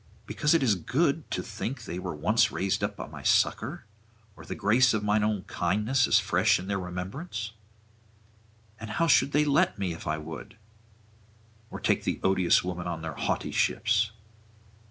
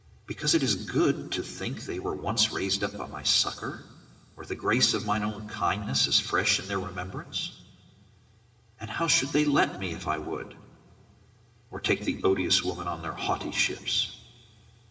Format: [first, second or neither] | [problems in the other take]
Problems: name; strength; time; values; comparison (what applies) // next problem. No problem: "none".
first | room echo; dies away in 2.1 s